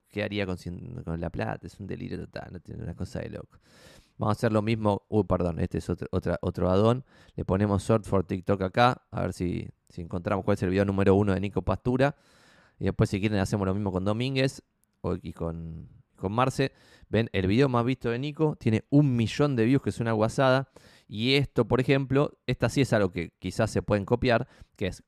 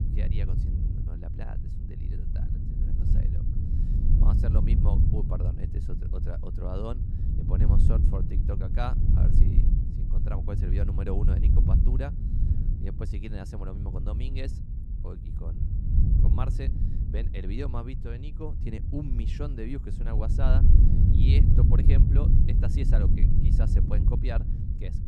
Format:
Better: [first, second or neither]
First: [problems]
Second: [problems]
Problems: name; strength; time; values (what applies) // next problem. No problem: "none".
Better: first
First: none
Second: low rumble; loud; throughout; 1 dB below the speech